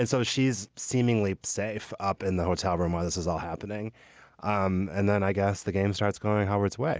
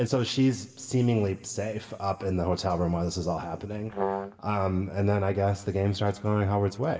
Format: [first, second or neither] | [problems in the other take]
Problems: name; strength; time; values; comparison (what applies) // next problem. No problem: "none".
first | background sound (Brass instrument); 4 dB below the speech // room echo; dies away in 2.9 s